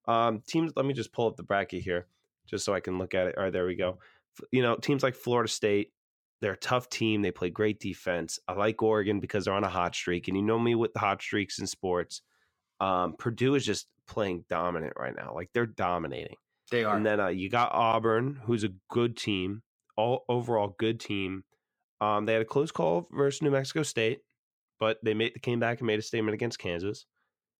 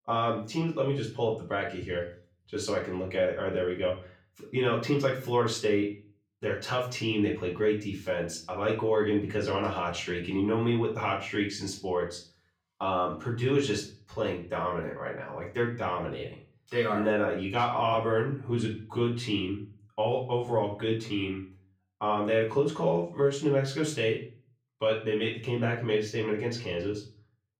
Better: first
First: none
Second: off-mic speech; far // room echo; slight; dies away in 0.4 s

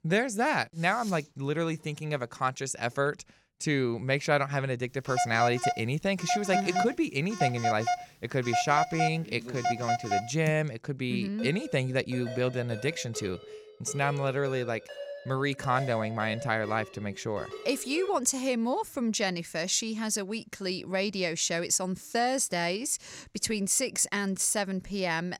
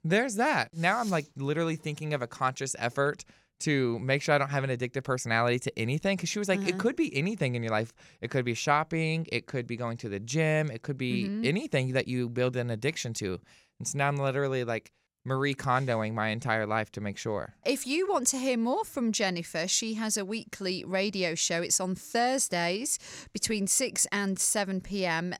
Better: second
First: phone ringing; loud; from 5 to 11 s; peak level with the speech // phone ringing; noticeable; from 11 to 18 s; peak 10 dB below the speech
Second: none

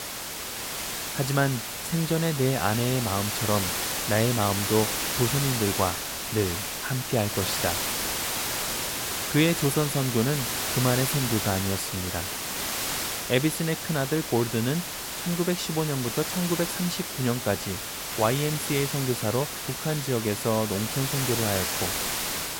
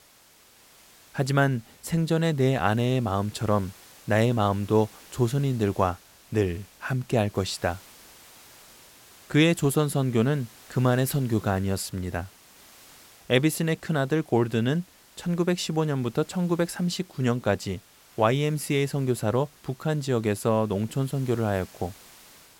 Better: second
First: hiss; loud; throughout; 1 dB below the speech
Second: hiss; faint; throughout; 25 dB below the speech

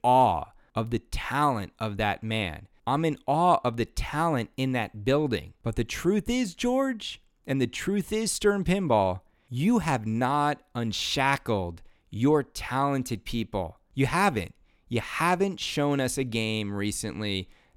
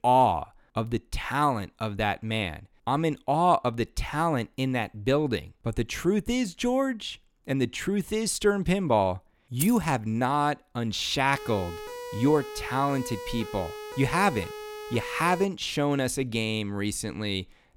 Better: first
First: none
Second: jangling keys; noticeable; at 9.5 s; peak 6 dB below the speech // siren; faint; from 11 to 15 s; peak 10 dB below the speech

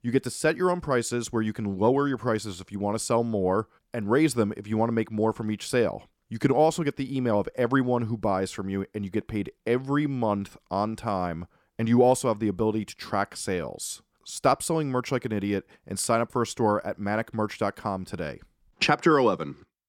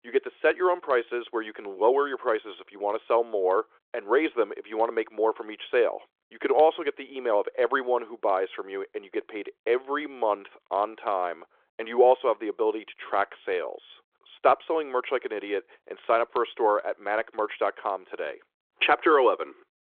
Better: first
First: none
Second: phone-call audio

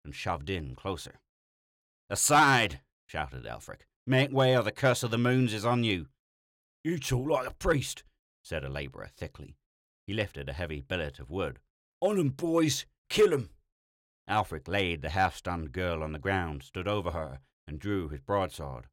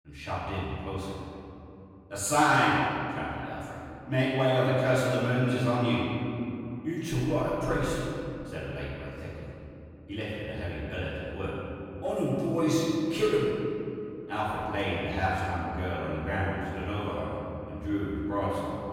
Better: first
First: none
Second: off-mic speech; far // room echo; strong; dies away in 2.8 s

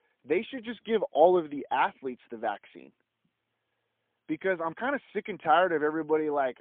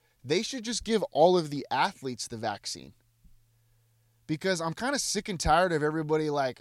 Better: second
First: phone-call audio; poor line; nothing above 3.5 kHz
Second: none

